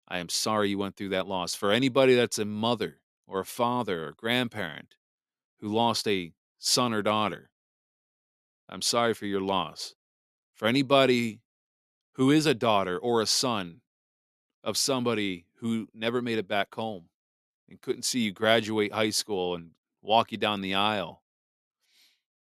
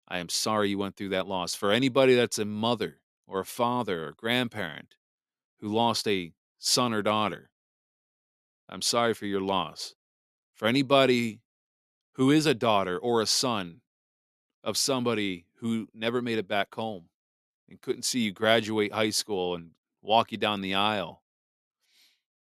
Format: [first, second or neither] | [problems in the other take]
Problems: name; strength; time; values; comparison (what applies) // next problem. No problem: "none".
neither | none